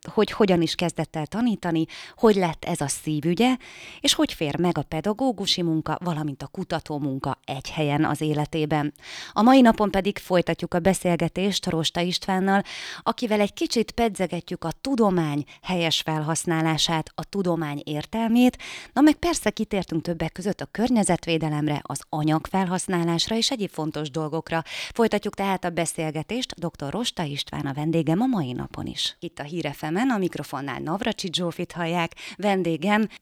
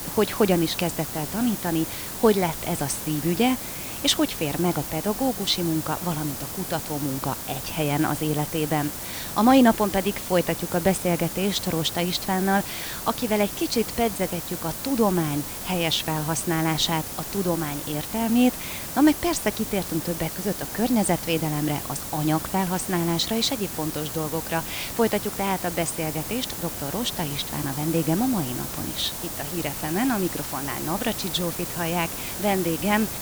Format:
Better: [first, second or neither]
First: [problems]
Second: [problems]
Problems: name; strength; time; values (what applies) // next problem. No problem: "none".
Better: first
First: none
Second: hiss; loud; throughout; 5 dB below the speech